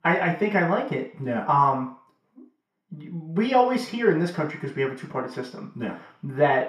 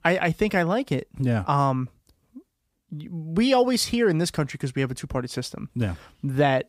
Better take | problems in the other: second | room echo; slight; dies away in 0.5 s // off-mic speech; far

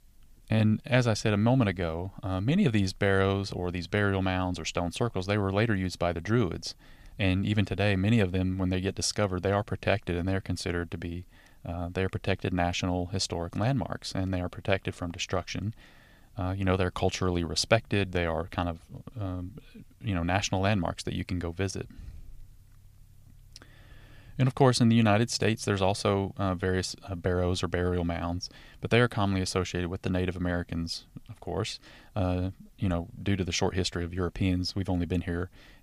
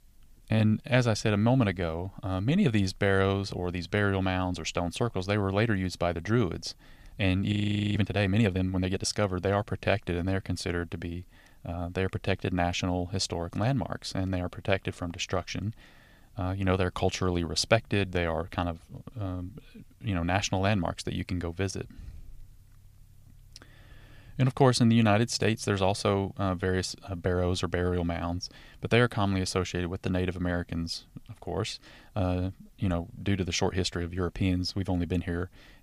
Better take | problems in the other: first | audio freezing; at 7.5 s

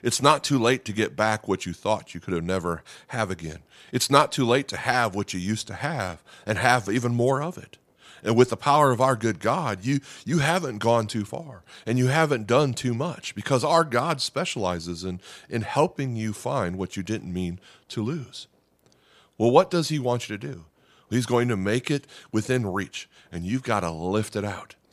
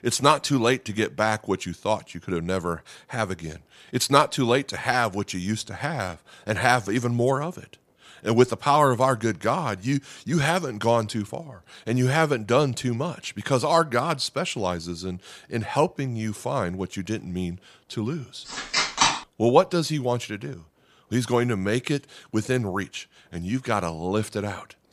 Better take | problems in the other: first | phone ringing; loud; at 19 s; peak 5 dB above the speech

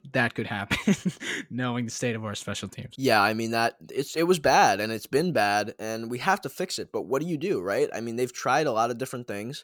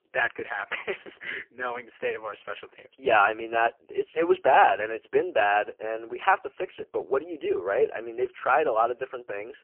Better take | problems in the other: first | phone-call audio; poor line; nothing above 3 kHz

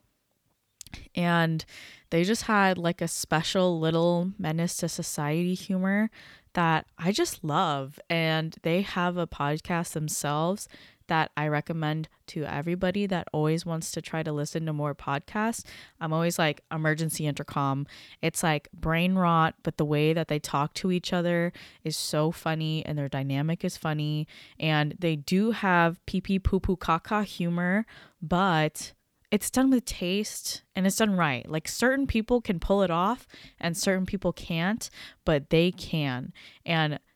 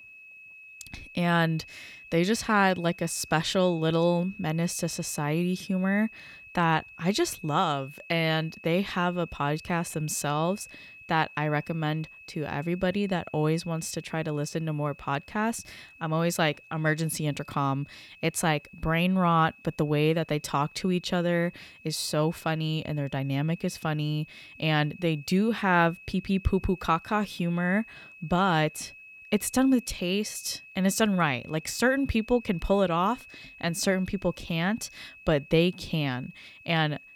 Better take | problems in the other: first | high-pitched whine; noticeable; throughout; 2.5 kHz, 20 dB below the speech

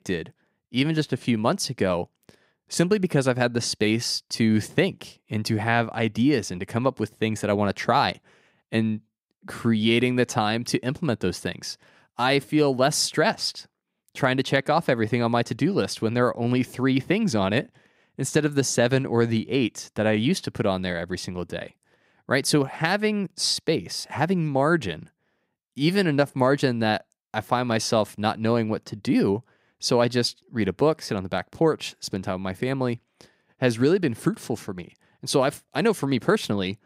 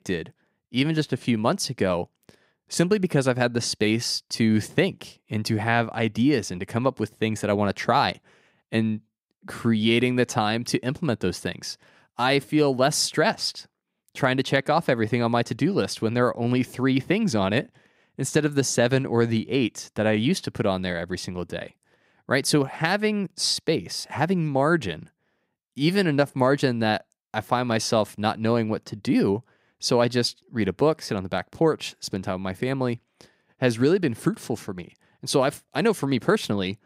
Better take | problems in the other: neither | none

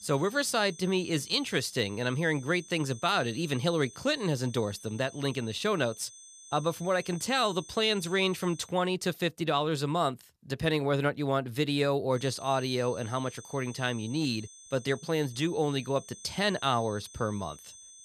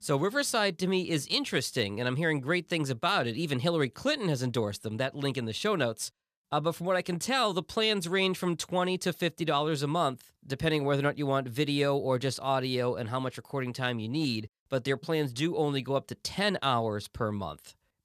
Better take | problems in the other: second | high-pitched whine; noticeable; until 8.5 s and from 12 s on; 6 kHz, 20 dB below the speech

